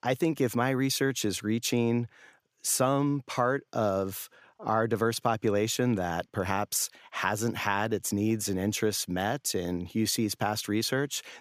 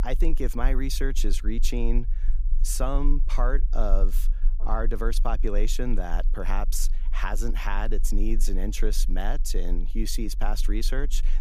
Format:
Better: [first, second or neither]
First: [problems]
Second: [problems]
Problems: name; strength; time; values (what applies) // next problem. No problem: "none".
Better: first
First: none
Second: low rumble; faint; throughout; 20 dB below the speech